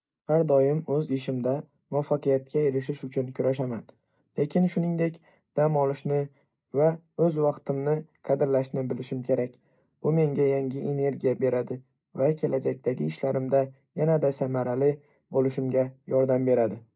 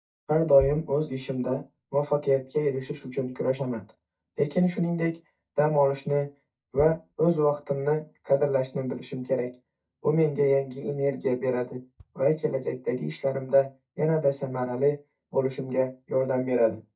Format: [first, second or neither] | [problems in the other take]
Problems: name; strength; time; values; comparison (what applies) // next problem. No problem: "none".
first | noise reduction (neural mask model DeepFilterNet 3)